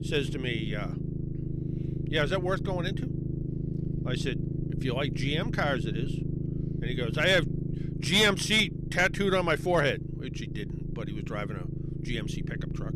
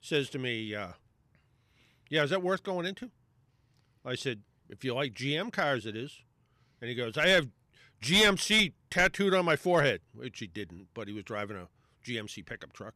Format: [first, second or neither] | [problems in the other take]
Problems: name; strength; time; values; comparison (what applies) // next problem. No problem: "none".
second | low rumble; noticeable; throughout; 15 dB below the speech